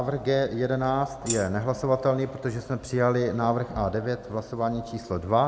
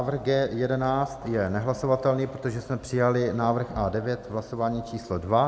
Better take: second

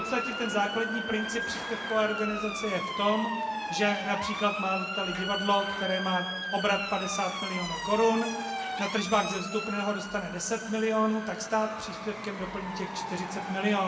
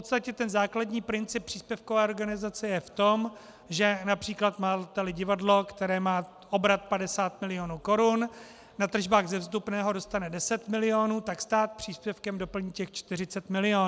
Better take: second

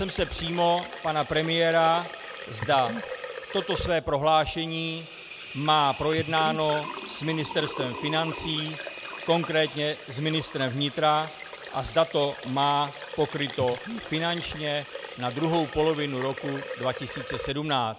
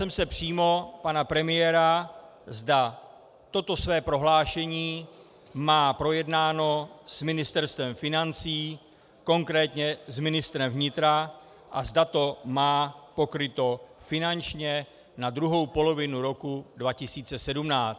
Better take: second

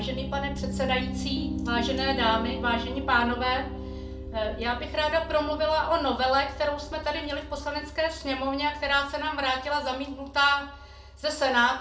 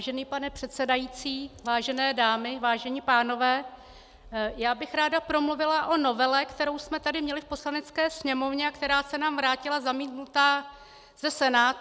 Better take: second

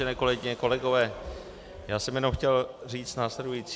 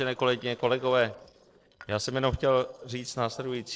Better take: first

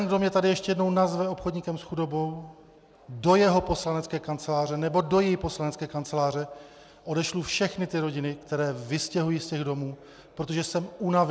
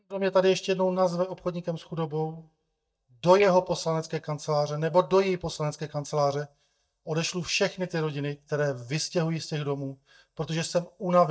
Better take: first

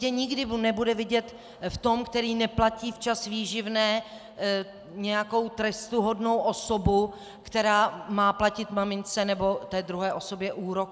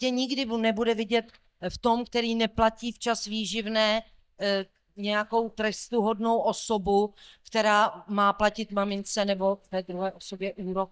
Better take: first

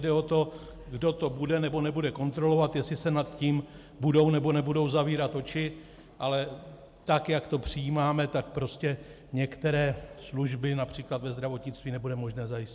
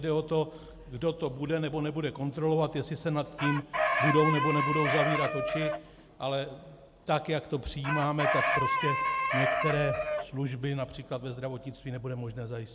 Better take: first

